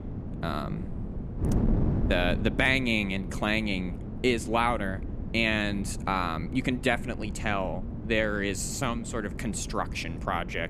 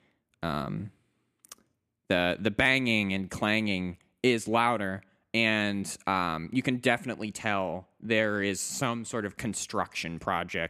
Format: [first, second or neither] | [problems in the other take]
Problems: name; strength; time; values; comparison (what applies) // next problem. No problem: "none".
second | wind noise on the microphone; occasional gusts; 15 dB below the speech